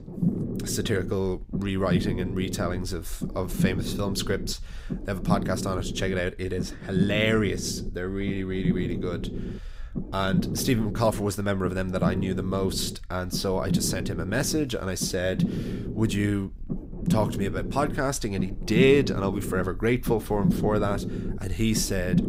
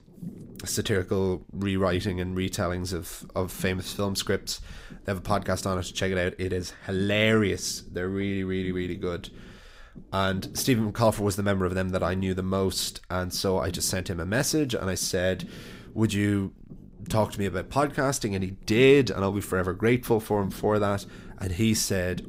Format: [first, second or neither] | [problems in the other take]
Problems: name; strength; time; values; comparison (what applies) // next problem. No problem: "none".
second | low rumble; loud; throughout; 9 dB below the speech; faint in the second